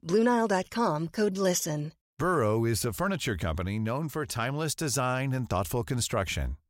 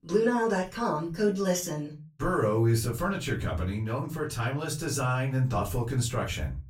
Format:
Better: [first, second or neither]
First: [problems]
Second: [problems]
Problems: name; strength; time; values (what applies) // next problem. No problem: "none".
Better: first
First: none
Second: off-mic speech; far // room echo; very slight; dies away in 0.3 s